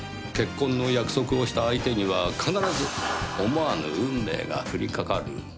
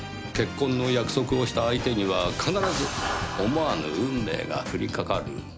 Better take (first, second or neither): first